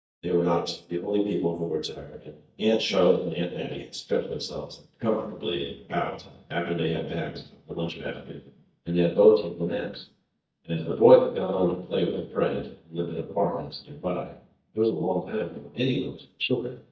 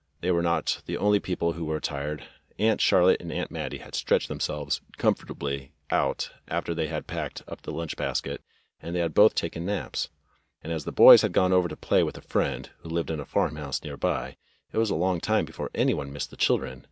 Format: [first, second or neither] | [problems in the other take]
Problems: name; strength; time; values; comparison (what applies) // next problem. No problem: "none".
second | noise reduction (neural mask model DeepFilterNet 3)